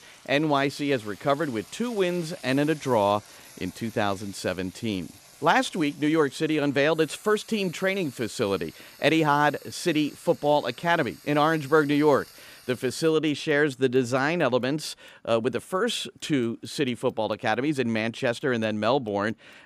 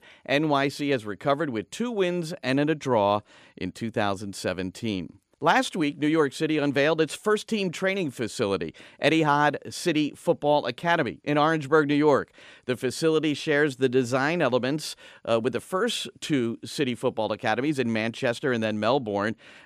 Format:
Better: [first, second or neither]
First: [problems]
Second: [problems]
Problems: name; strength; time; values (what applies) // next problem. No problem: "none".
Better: second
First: household noises; faint; throughout; 20 dB below the speech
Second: none